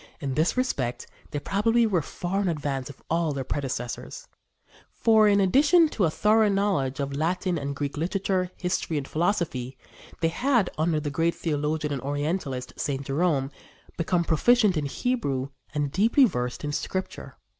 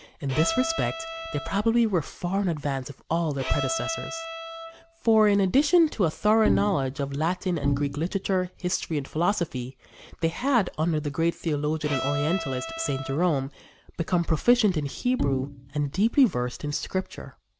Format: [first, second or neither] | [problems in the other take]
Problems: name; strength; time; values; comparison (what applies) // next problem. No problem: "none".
first | background sound (Bowed string instrument + Bowed string instrument); 7 dB below the speech